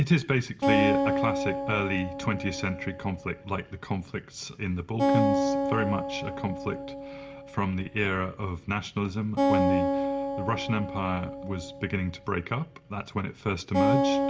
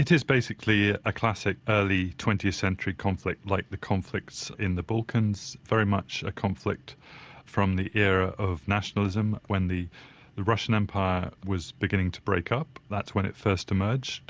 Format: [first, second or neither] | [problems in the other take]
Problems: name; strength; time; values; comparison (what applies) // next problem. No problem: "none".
second | background sound (Acoustic guitar); as loud as the speech // room echo; dies away in 0.5 s